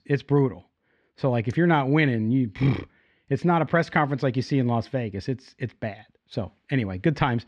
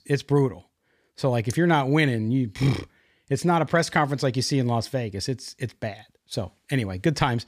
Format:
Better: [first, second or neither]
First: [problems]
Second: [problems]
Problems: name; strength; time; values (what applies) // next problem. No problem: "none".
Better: second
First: muffled; slightly; fading above 2.5 kHz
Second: none